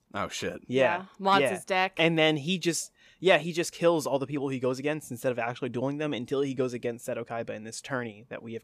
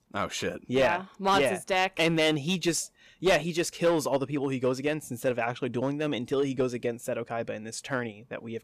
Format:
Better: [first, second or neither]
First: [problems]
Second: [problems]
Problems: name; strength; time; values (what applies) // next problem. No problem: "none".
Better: first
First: none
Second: distortion; slight; 4% of the sound clipped